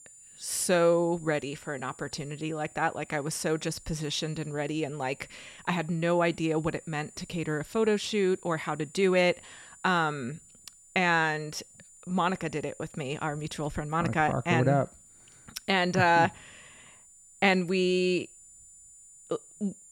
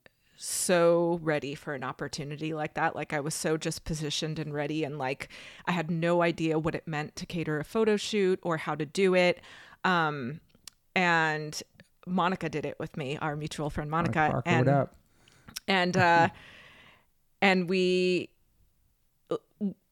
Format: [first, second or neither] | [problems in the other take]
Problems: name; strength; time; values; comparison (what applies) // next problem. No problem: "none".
second | high-pitched whine; faint; throughout; 7 kHz, 20 dB below the speech